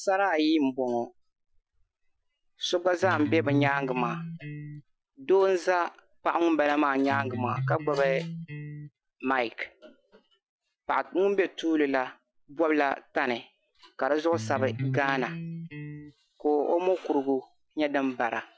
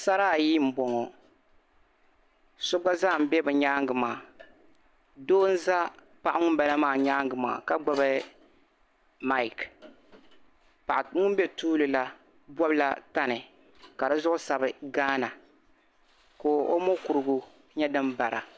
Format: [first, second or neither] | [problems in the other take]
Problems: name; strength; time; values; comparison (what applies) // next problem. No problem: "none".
second | noise reduction (classical method Wiener filter)